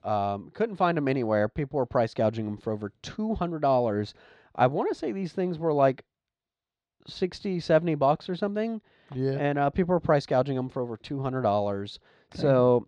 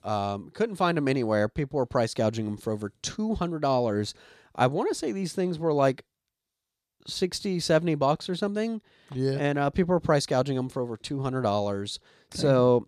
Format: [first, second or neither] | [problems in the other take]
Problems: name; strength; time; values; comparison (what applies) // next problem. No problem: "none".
second | muffled; slightly; fading above 3 kHz